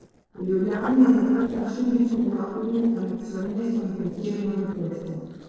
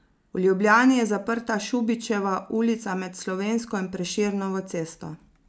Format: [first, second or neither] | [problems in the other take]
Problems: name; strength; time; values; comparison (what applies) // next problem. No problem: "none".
second | noise reduction (neural separator model SepFormer DNS4)